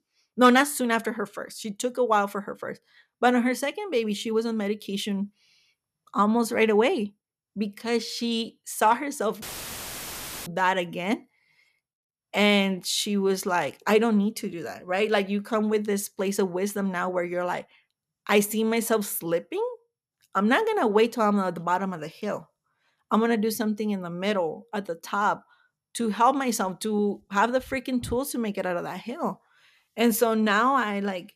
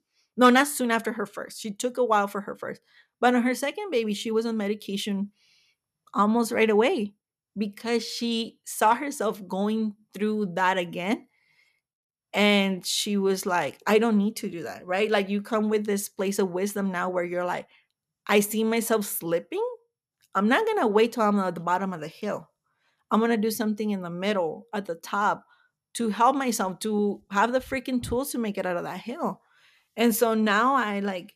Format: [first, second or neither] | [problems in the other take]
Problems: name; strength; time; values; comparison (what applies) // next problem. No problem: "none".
second | audio cutting out; filled with static; at 9.5 s for 1 s